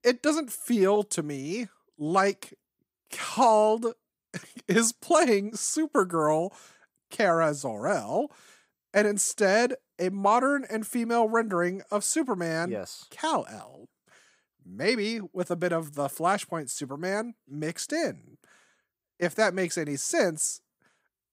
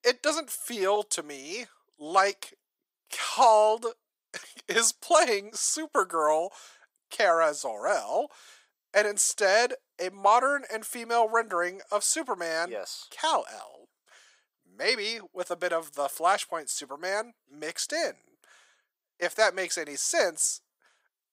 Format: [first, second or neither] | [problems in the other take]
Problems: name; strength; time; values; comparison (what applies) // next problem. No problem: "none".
first | thin; very; fading below 650 Hz